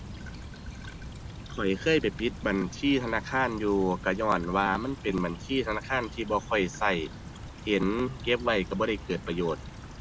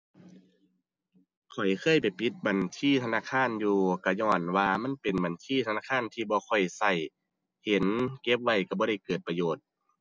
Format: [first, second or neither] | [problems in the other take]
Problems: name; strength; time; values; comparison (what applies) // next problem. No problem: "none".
second | background sound (Stream / Trickle, dribble); 12 dB below the speech